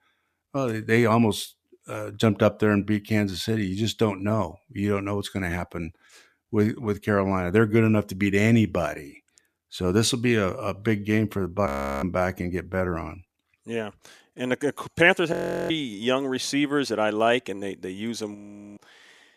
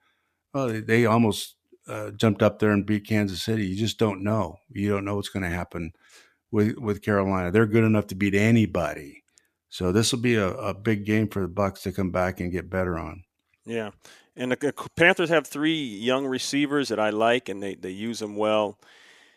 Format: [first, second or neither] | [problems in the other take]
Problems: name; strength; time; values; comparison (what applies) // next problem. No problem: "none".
second | audio freezing; at 12 s, at 15 s and at 18 s